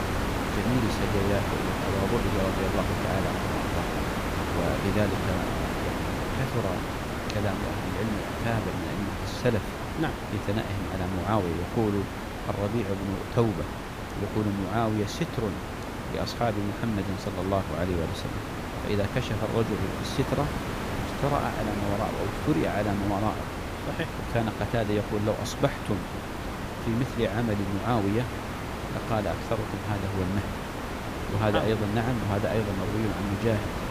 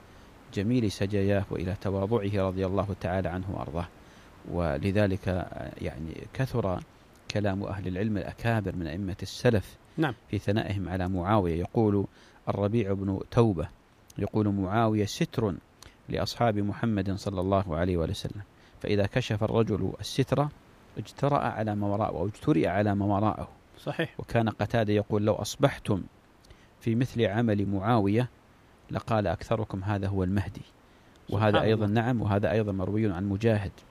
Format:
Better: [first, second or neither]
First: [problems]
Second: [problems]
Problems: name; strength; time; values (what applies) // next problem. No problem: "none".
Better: second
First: hiss; loud; throughout; 2 dB below the speech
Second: hiss; faint; throughout; 30 dB below the speech